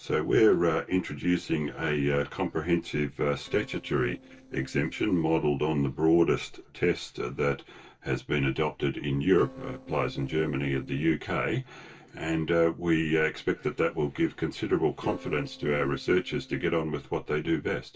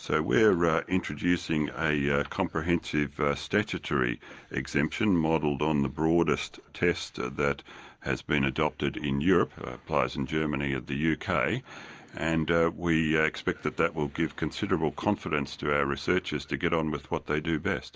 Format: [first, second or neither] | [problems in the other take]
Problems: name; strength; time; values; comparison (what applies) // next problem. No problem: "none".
second | noise reduction (neural separator model SepFormer DNS4)